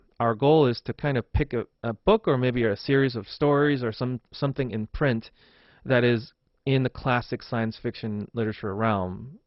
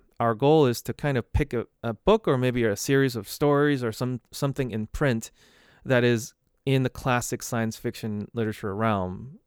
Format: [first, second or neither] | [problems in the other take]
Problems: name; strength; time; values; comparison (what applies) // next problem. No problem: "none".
second | garbled, watery; badly; nothing above 5.5 kHz